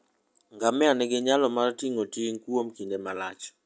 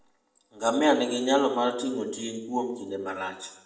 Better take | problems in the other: first | room echo; dies away in 0.7 s

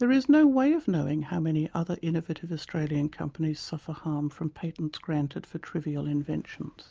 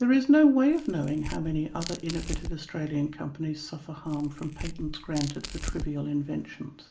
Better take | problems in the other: first | background sound (Tearing); 10 dB below the speech // room echo; dies away in 0.4 s

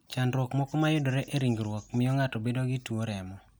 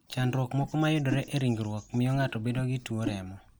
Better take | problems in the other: first | background sound (Whoosh, swoosh, swish); 12 dB below the speech

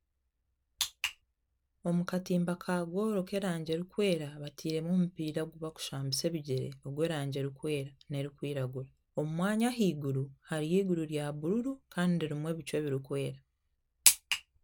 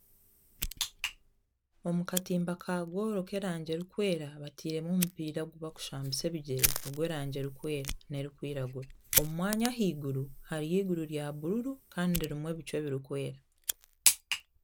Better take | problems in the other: first | background sound (Fire); 6 dB below the speech

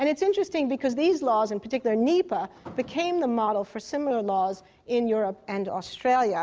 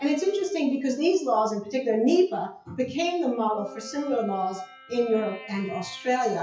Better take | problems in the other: first | noise reduction (classical method WPE with log-MMSE)

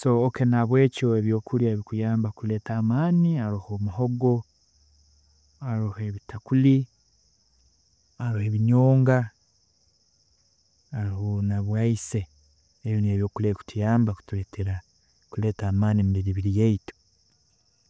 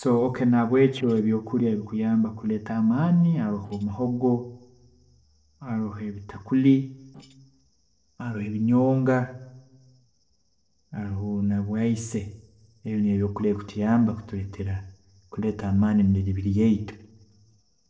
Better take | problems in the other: first | noise reduction (neural separator model SepFormer DNS4)

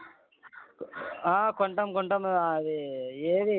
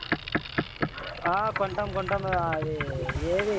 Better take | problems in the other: first | background sound (Boat, Water vehicle); 2 dB below the speech

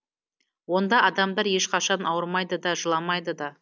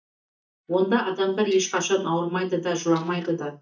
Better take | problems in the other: first | noise reduction (neural mask model DeepFilterNet 3)

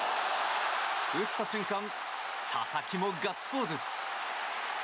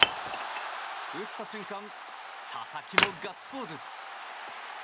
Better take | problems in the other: first | background sound (Wood); 4 dB above the speech

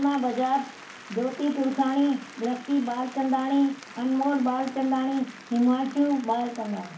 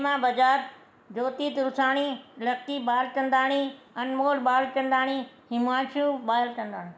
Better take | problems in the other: second | background sound (Applause); 19 dB below the speech // room echo; dies away in 0.3 s

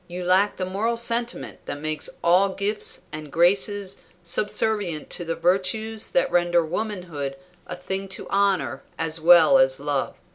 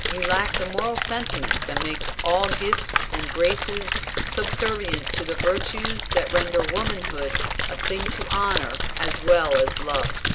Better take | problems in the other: first | background sound (Splash, splatter); as loud as the speech

